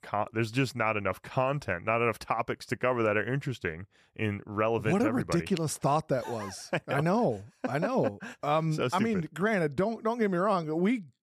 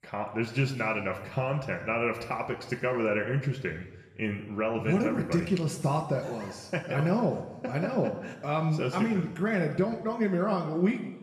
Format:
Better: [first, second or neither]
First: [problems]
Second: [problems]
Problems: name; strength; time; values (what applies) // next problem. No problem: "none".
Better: first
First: none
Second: room echo; noticeable; dies away in 1.1 s // off-mic speech; somewhat distant